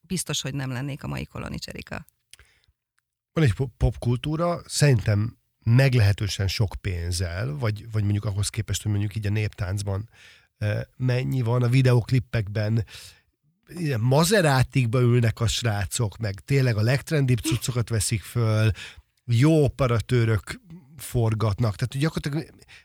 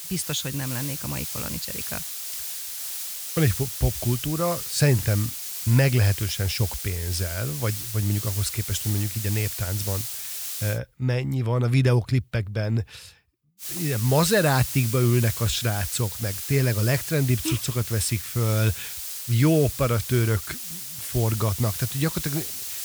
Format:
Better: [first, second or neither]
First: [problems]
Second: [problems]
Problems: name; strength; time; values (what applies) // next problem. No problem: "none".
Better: first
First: none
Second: hiss; loud; until 11 s and from 14 s on; 5 dB below the speech